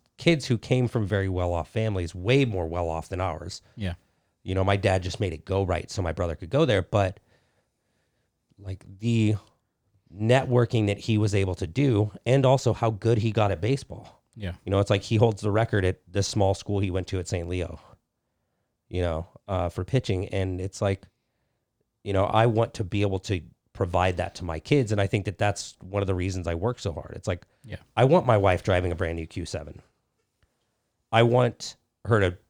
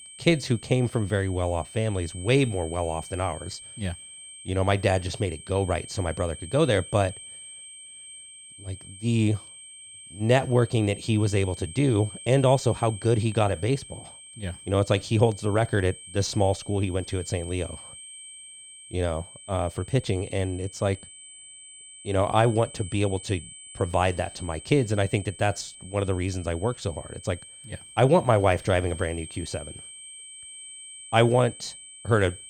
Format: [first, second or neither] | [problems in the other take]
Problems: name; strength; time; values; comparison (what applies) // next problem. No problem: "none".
first | high-pitched whine; noticeable; throughout; 8.5 kHz, 15 dB below the speech